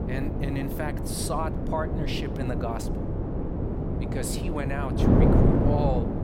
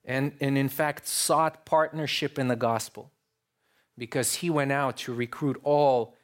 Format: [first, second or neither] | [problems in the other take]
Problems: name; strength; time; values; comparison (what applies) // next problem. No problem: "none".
second | wind noise on the microphone; heavy; 1 dB above the speech